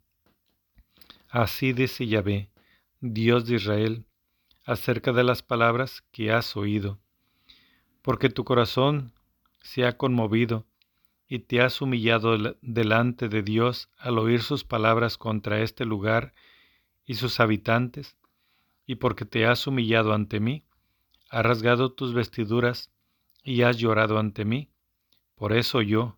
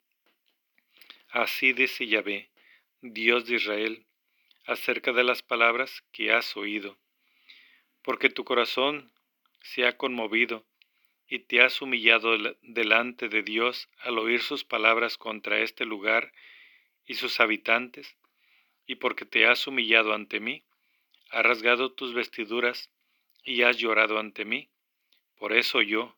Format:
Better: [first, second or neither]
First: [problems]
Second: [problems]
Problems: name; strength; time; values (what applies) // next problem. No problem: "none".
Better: first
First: none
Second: thin; somewhat; fading below 300 Hz